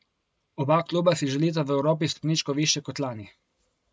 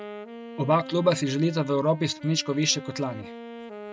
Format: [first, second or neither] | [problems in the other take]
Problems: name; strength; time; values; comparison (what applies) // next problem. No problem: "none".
first | background sound (Wind instrument, woodwind instrument); 14 dB below the speech